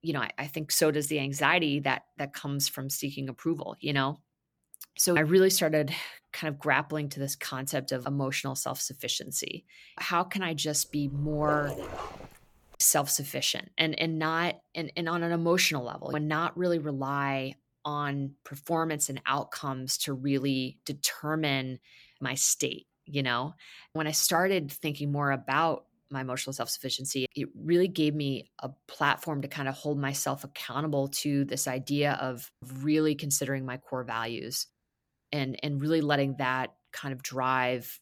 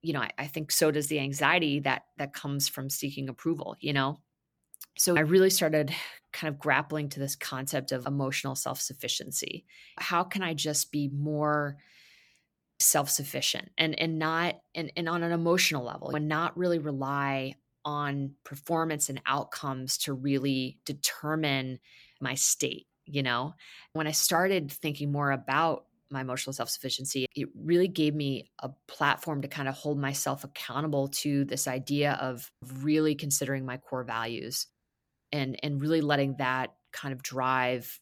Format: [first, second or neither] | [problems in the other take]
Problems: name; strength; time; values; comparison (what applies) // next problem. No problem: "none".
second | dog barking; noticeable; from 11 to 12 s; peak 7 dB below the speech